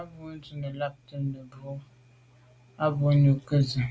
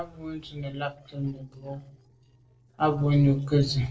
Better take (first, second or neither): first